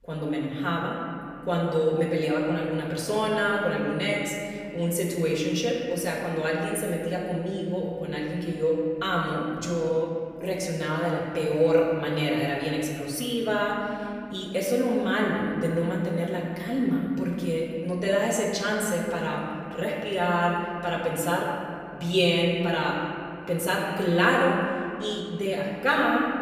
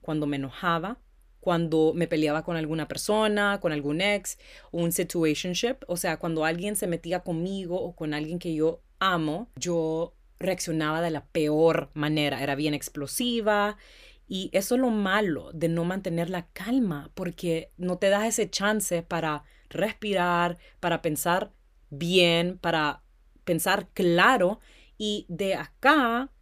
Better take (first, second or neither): second